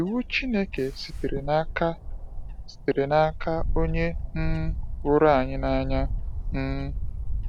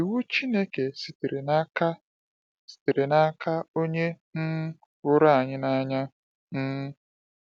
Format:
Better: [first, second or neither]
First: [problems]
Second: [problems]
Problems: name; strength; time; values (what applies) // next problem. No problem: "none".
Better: second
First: background sound (Wind / Bird); 3 dB below the speech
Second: none